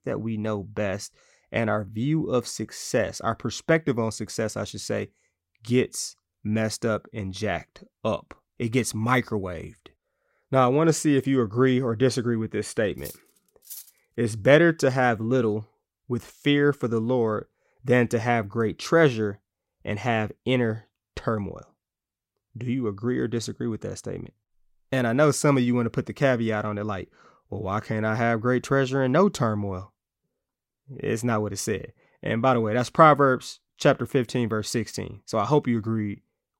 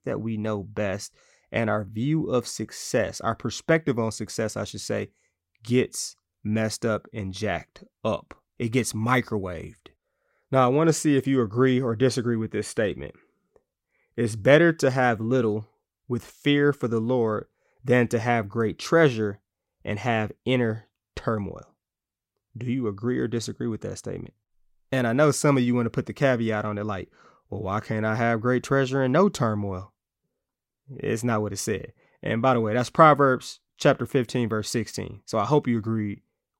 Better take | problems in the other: second | clattering dishes; faint; at 13 s; peak 15 dB below the speech

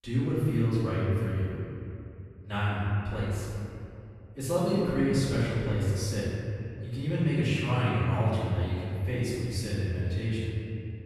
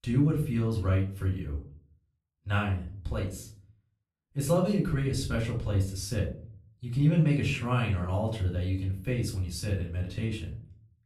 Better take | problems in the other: second | room echo; strong; dies away in 2.5 s; slight in the second // off-mic speech; far; far in the second

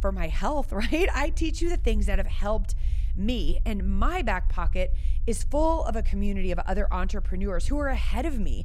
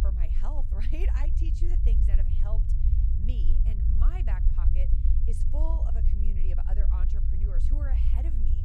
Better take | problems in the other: first | low rumble; loud; throughout; 1 dB below the speech; faint in the first

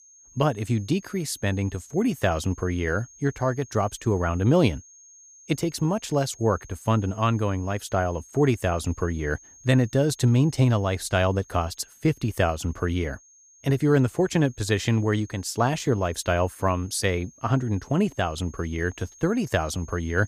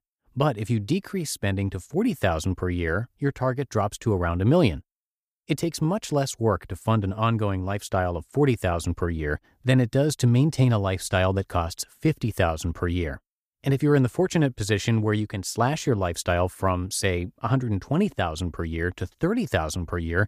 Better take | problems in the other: second | high-pitched whine; faint; throughout; 6.5 kHz, 25 dB below the speech

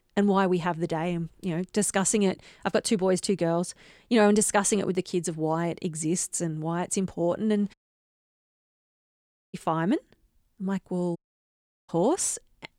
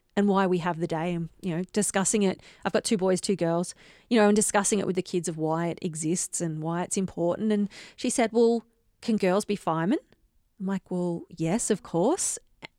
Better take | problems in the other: second | audio cutting out; at 7.5 s for 2 s and at 11 s for 0.5 s

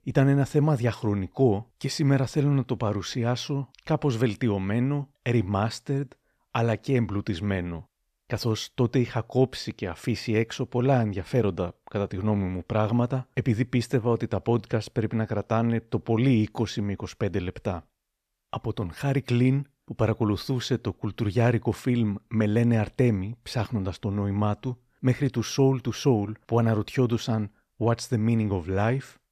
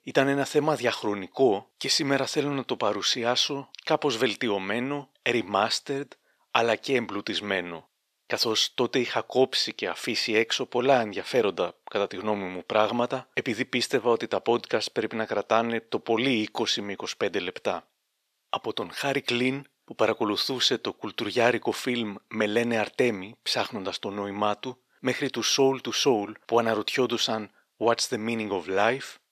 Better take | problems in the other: first | thin; somewhat; fading below 400 Hz

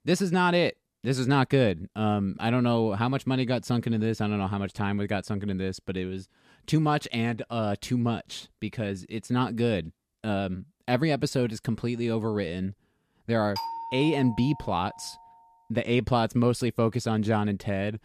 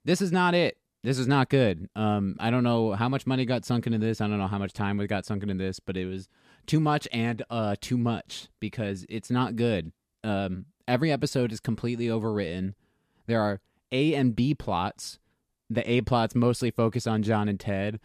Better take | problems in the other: second | doorbell; noticeable; from 14 to 15 s; peak 6 dB below the speech

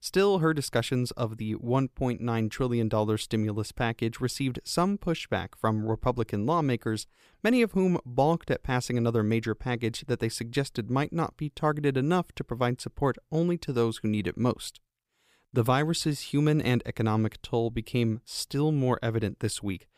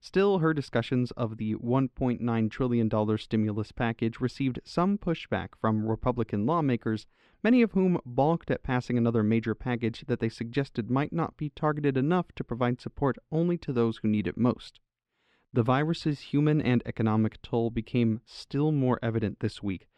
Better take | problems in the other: first | muffled; slightly; fading above 3.5 kHz

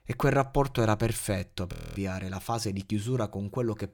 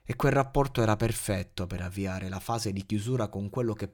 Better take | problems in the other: second | audio freezing; at 1.5 s

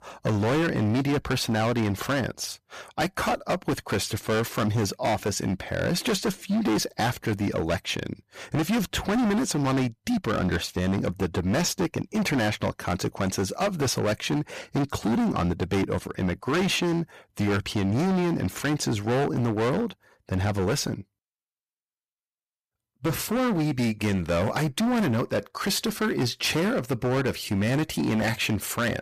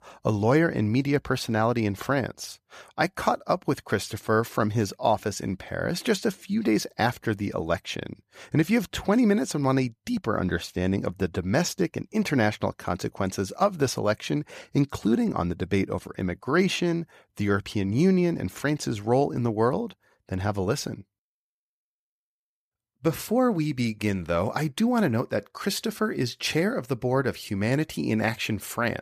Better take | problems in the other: second | distortion; heavy; 20% of the sound clipped

